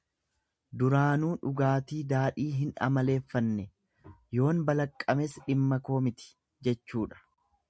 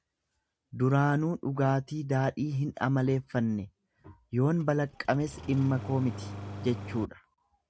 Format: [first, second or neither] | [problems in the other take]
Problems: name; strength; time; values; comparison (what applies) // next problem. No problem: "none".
first | background sound (Engine starting); 11 dB below the speech